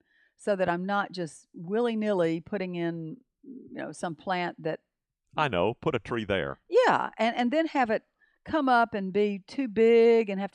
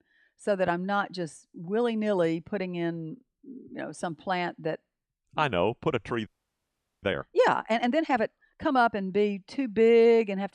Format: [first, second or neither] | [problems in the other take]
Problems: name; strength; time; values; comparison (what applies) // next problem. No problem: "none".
first | audio freezing; at 6.5 s for 1 s